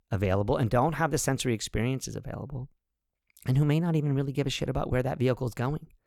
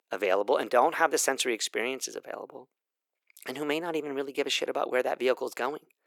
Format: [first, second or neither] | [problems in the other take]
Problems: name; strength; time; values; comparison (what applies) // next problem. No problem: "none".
first | thin; very; fading below 350 Hz